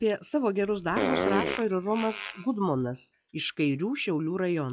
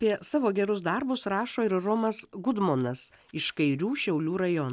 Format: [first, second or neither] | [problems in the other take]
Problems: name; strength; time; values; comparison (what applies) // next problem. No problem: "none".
second | noise reduction (classical method log-MMSE)